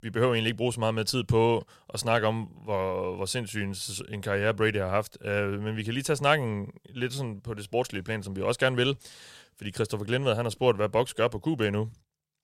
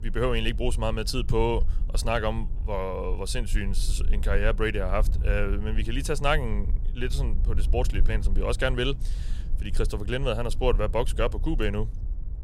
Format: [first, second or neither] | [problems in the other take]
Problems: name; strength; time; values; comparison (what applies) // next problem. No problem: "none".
first | low rumble; faint; throughout; 20 dB below the speech